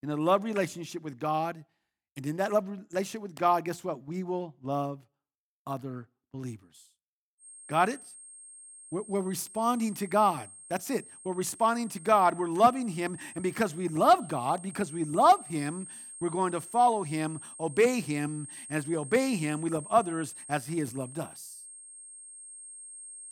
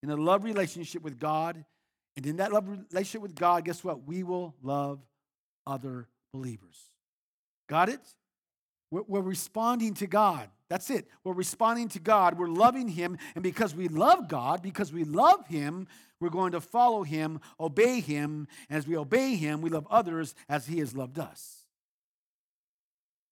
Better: second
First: high-pitched whine; noticeable; from 7.5 s on; 8.5 kHz, 15 dB below the speech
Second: none

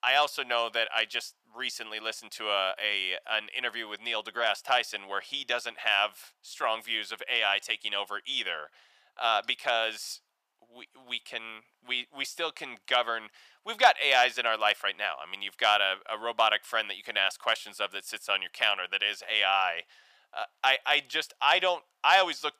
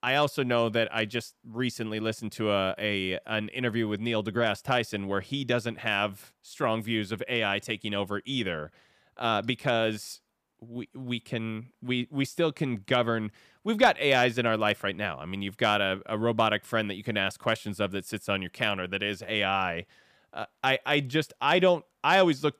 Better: second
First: thin; very; fading below 900 Hz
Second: none

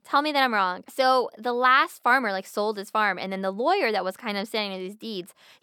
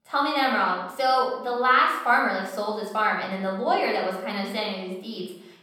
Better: first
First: none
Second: off-mic speech; somewhat distant // room echo; noticeable; dies away in 0.7 s

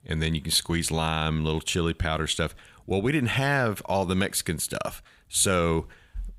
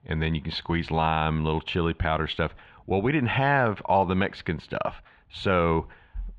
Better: first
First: none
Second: muffled; very; fading above 3 kHz

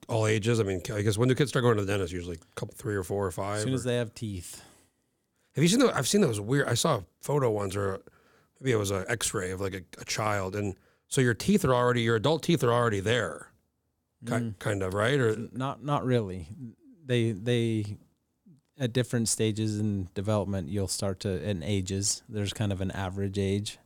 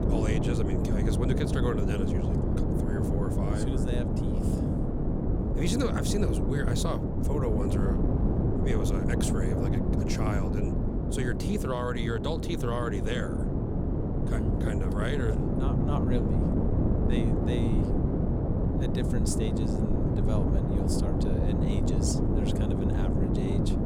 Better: first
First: none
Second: wind noise on the microphone; heavy; 1 dB above the speech

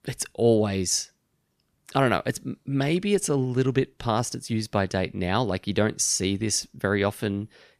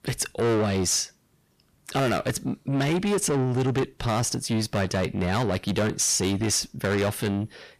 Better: first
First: none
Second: distortion; heavy; 6 dB below the speech

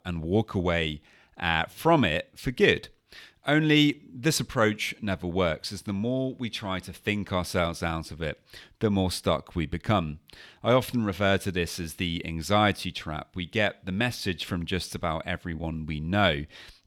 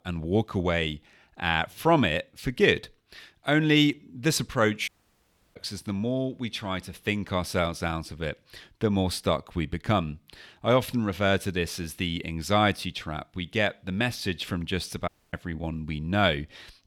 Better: first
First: none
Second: audio cutting out; at 5 s for 0.5 s and at 15 s

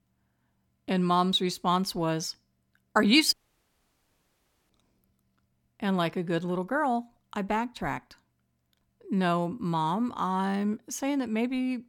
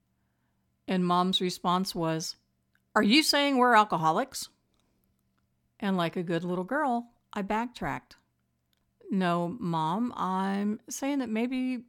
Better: second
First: audio cutting out; at 3.5 s for 1.5 s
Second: none

